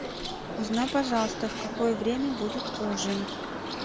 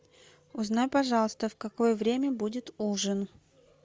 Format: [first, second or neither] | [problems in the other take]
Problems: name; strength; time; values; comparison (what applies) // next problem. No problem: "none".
second | background sound (Bird); 4 dB below the speech